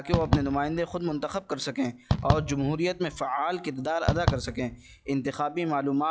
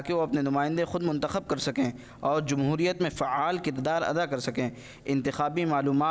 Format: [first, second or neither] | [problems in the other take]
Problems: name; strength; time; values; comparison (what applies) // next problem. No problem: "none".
second | noise reduction (classical method log-MMSE)